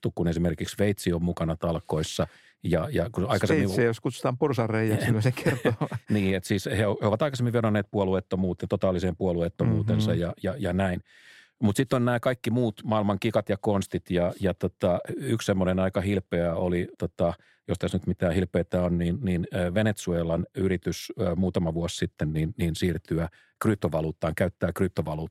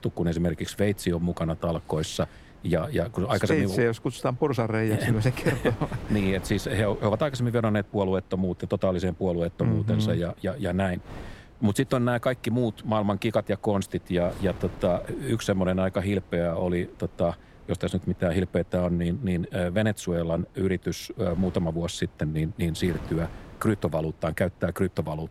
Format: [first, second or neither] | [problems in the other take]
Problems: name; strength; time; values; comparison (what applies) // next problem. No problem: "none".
first | wind noise on the microphone; occasional gusts; 20 dB below the speech